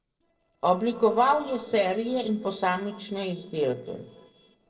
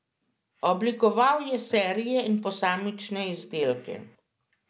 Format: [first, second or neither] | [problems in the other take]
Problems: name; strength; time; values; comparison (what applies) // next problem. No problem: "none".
second | noise reduction (neural separator model SepFormer DNS4)